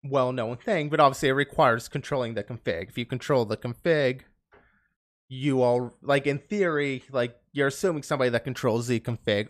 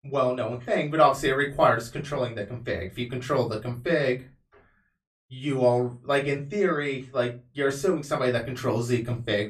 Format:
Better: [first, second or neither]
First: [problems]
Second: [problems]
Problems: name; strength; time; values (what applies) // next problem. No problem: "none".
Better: first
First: none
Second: off-mic speech; far // room echo; very slight; dies away in 0.2 s